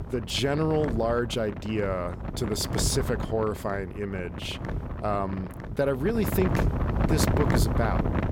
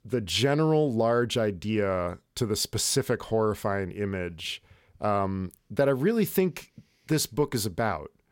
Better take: second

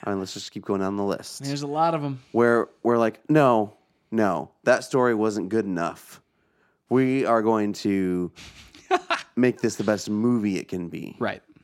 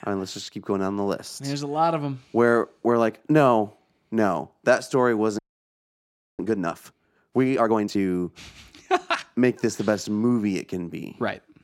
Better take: first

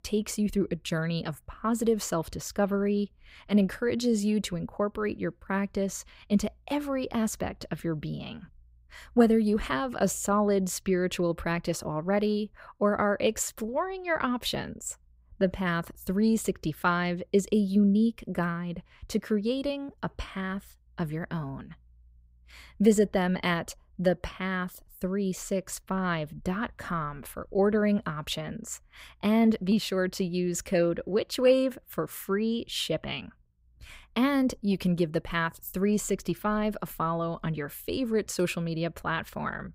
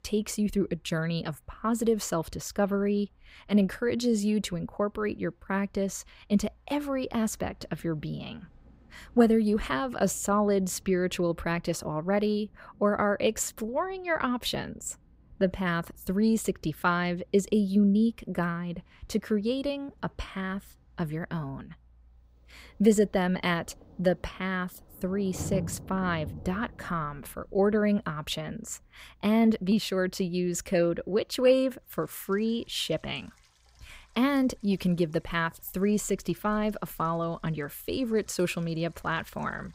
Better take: first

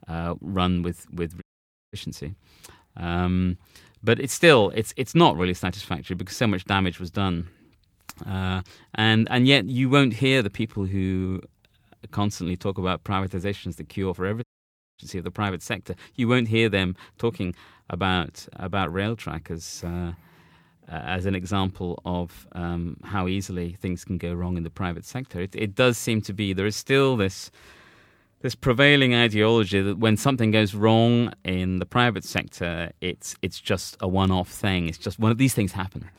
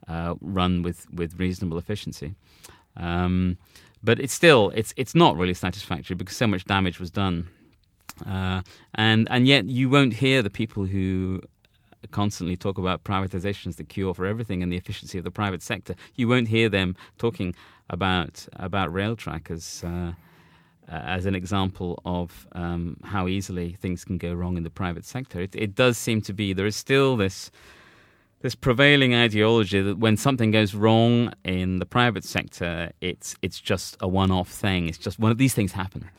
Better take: second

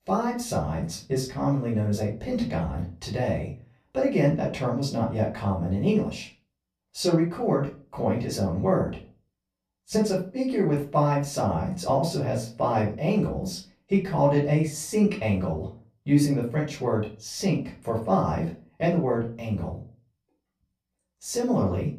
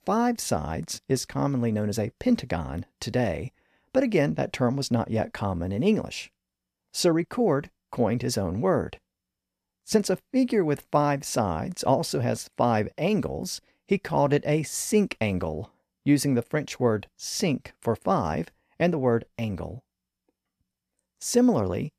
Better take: second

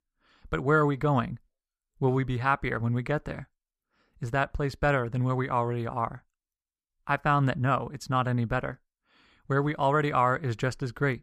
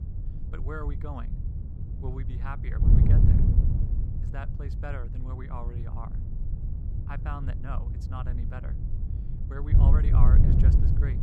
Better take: first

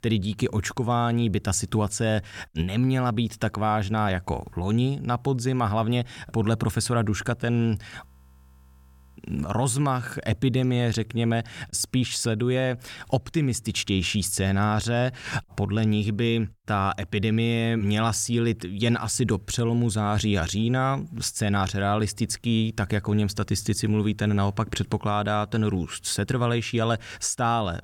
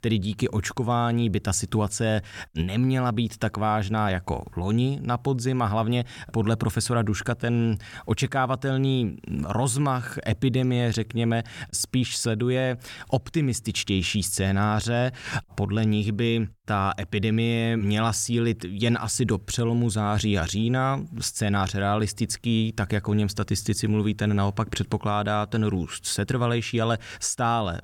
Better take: second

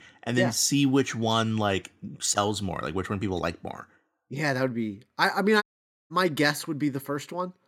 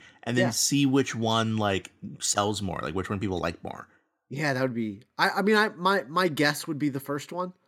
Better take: second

